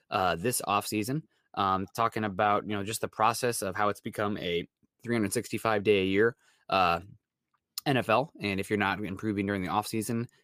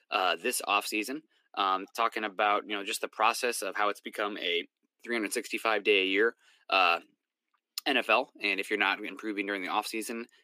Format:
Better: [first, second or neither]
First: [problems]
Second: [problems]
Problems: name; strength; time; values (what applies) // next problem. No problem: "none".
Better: first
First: none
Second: thin; somewhat; fading below 250 Hz